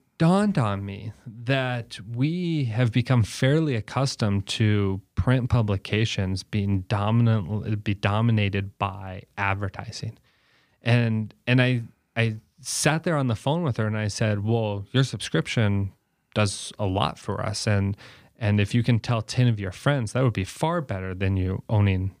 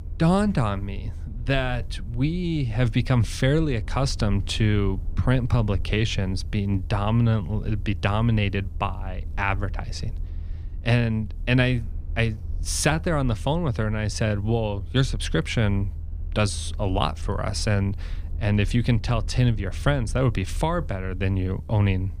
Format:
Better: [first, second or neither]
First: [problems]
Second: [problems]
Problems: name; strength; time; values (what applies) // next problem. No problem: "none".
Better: first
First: none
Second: low rumble; faint; throughout; 25 dB below the speech